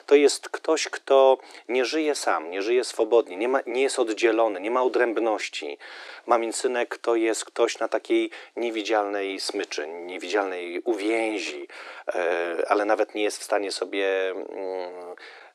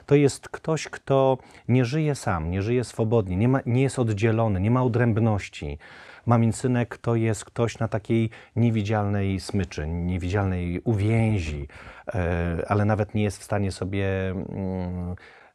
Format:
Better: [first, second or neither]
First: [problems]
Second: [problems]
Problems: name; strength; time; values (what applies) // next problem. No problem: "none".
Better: second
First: thin; very; fading below 300 Hz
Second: none